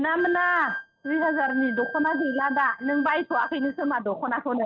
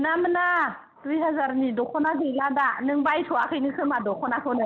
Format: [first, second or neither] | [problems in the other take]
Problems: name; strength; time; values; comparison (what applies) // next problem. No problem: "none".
second | noise reduction (neural mask model RNNoise)